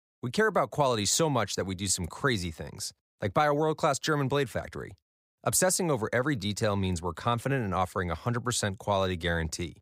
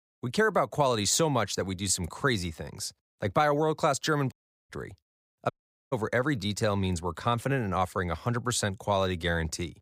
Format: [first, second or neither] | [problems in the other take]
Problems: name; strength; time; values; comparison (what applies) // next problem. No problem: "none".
first | audio cutting out; at 4.5 s and at 5.5 s